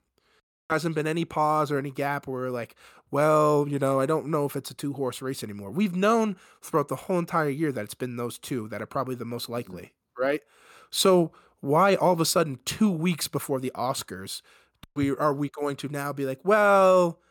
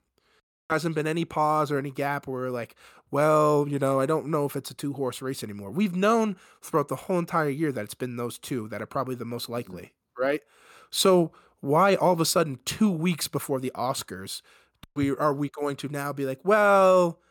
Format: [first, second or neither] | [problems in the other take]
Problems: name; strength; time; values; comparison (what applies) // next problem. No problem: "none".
neither | none